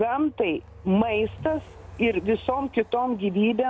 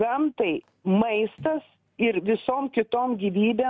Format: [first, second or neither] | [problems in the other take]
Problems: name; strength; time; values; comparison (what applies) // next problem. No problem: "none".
second | background sound (Train); 19 dB below the speech